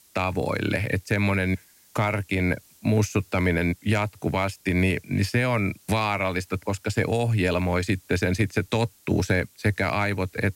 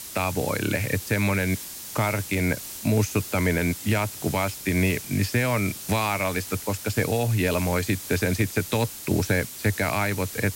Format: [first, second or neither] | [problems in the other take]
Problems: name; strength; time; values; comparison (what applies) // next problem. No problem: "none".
first | hiss; loud; throughout; 9 dB below the speech; faint in the first